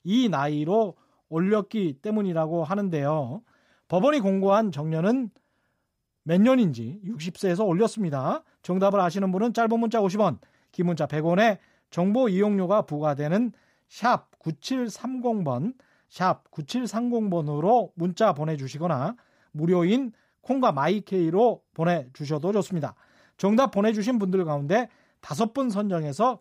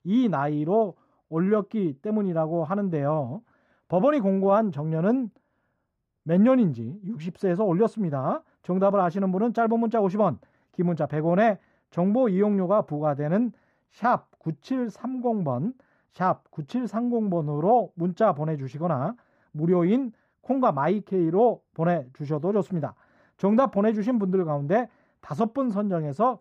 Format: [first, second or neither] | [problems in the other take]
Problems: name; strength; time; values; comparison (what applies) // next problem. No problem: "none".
first | muffled; slightly; fading above 2.5 kHz